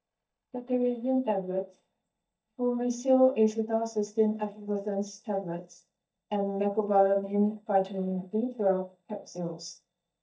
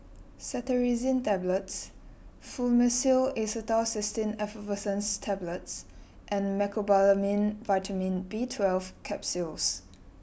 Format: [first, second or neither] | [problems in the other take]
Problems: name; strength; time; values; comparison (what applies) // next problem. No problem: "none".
second | noise reduction (neural mask model DeepFilterNet 3)